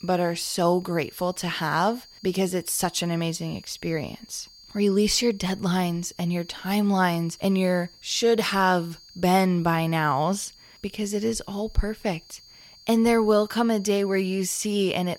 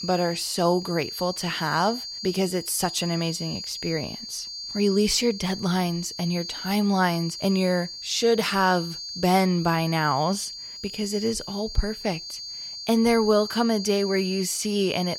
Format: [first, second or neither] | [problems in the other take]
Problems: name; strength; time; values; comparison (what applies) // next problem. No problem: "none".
first | high-pitched whine; loud; throughout; 4.5 kHz, 9 dB below the speech; faint in the first